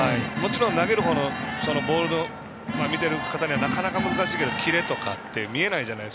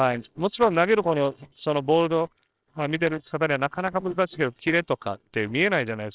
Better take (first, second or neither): first